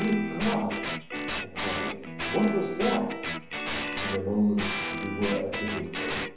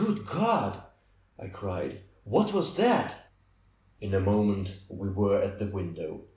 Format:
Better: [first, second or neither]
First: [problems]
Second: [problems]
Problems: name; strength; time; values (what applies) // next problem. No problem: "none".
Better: second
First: background sound (Guitar); 3 dB below the speech // room echo; dies away in 2.8 s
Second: none